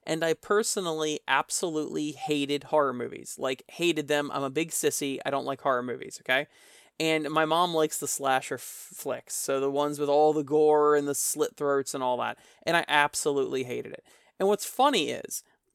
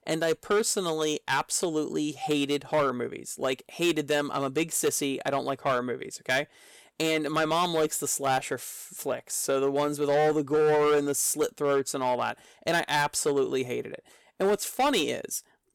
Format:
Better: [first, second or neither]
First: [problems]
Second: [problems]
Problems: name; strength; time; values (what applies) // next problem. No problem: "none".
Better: first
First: none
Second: distortion; slight; 6% of the sound clipped